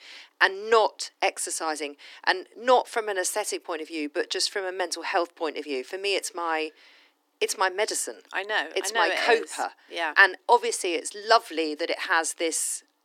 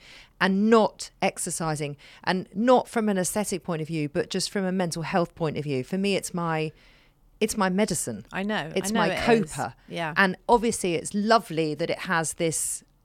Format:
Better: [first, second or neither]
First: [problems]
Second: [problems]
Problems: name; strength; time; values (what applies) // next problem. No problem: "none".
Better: second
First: thin; very; fading below 300 Hz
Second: none